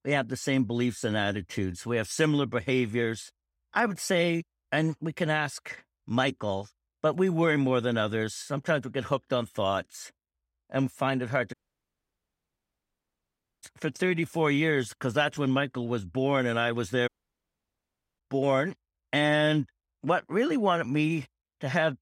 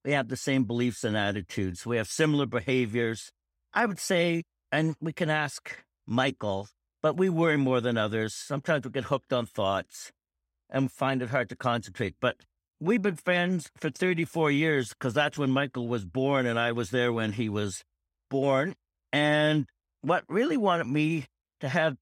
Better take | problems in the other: second | audio cutting out; at 12 s for 2 s and at 17 s for 1 s

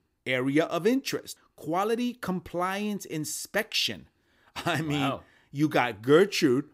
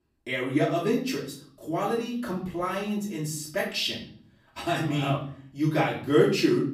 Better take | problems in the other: first | off-mic speech; far // room echo; slight; dies away in 0.5 s

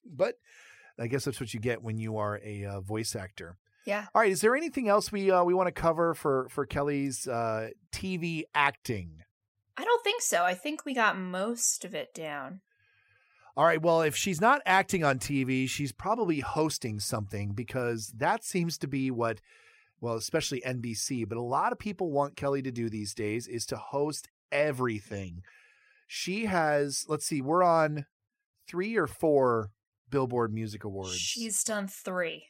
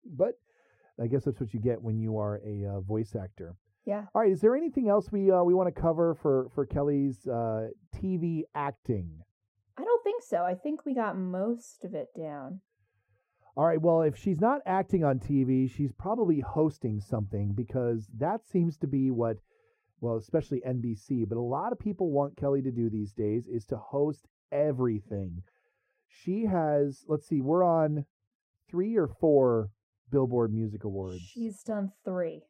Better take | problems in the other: first | muffled; very; fading above 1.5 kHz

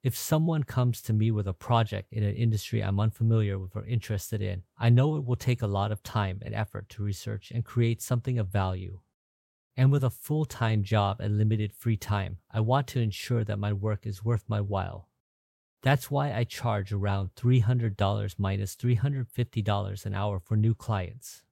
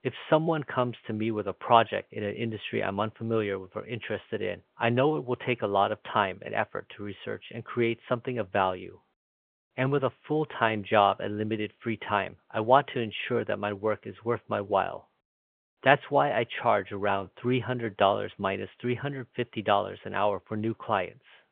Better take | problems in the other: first | phone-call audio; nothing above 3.5 kHz

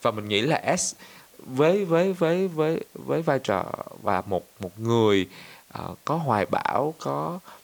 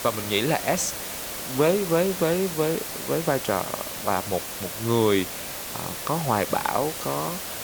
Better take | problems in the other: first | hiss; loud; throughout; 5 dB below the speech; faint in the first

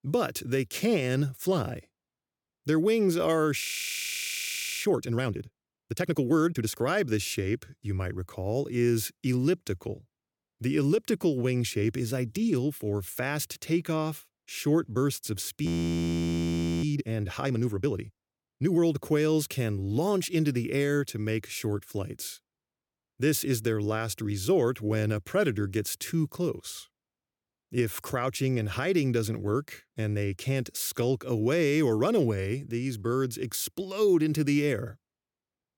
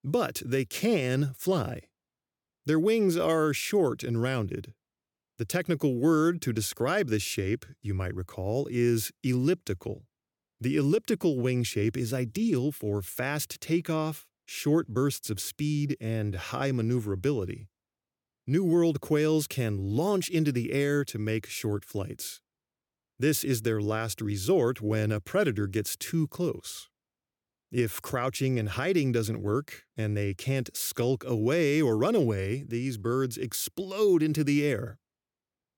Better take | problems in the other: second | audio freezing; at 3.5 s for 1 s and at 16 s for 1 s

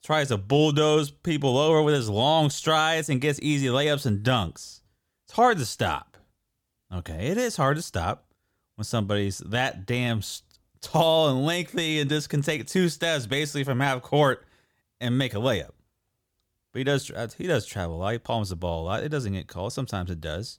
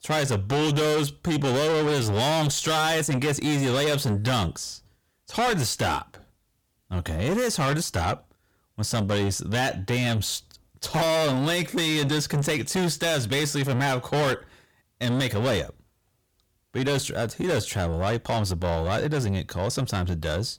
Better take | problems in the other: first | distortion; heavy; 5 dB below the speech

